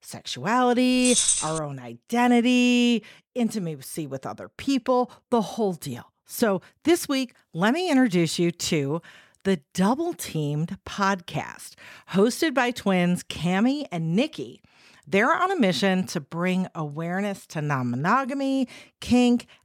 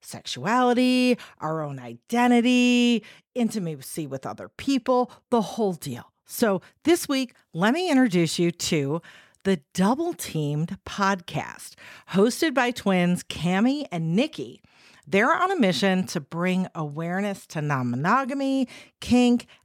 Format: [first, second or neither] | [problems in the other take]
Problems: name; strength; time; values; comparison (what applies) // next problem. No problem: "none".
second | jangling keys; loud; at 1 s; peak 5 dB above the speech